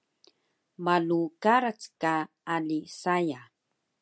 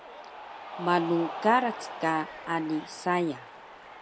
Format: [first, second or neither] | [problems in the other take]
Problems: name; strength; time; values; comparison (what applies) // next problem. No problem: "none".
first | background sound (Cheering); 11 dB below the speech